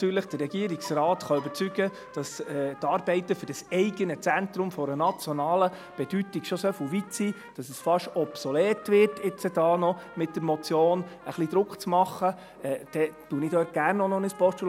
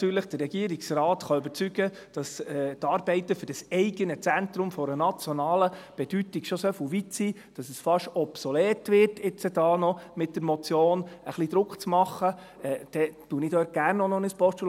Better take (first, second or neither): second